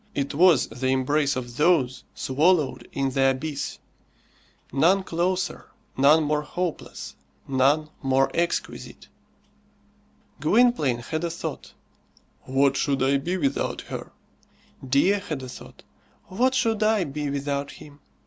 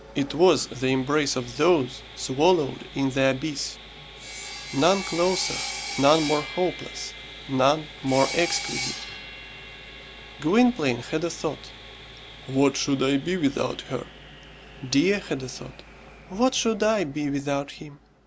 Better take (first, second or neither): first